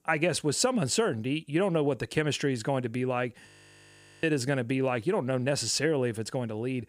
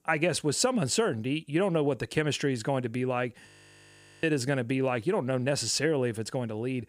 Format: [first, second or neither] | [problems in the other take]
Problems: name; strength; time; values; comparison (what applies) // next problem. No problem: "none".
neither | audio freezing; at 3.5 s for 1 s; the same in both